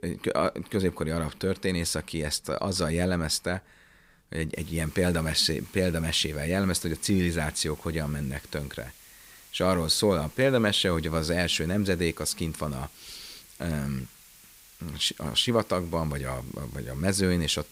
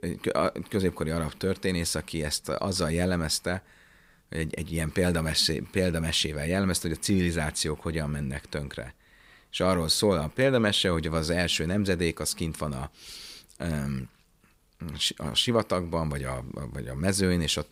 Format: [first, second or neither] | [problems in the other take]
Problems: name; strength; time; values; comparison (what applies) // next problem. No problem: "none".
second | hiss; faint; from 4.5 s on; 20 dB below the speech